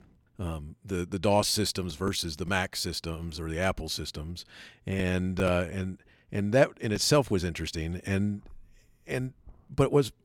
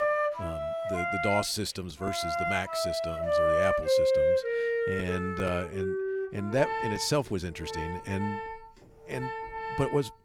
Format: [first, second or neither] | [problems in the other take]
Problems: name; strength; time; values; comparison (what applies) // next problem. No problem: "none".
first | background music; very loud; throughout; 3 dB above the speech